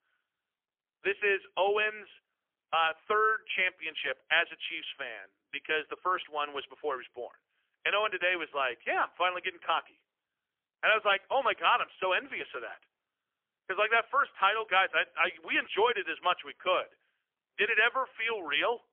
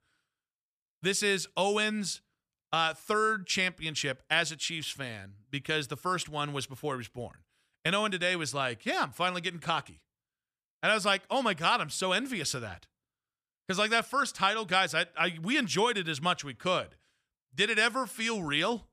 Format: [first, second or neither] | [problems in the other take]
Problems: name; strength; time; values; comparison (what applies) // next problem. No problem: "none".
second | phone-call audio; poor line; nothing above 3.5 kHz